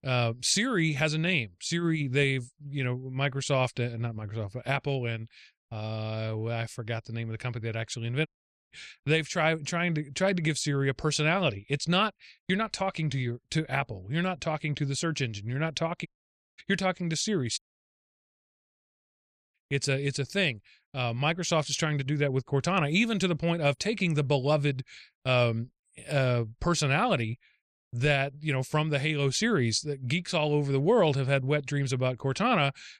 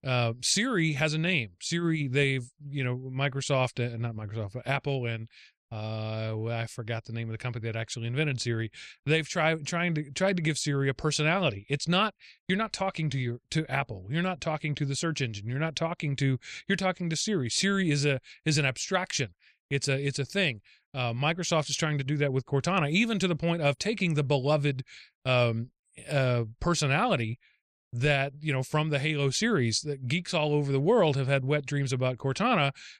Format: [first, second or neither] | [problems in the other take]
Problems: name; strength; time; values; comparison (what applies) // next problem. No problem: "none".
second | audio cutting out; at 8.5 s, at 16 s for 0.5 s and at 18 s for 2 s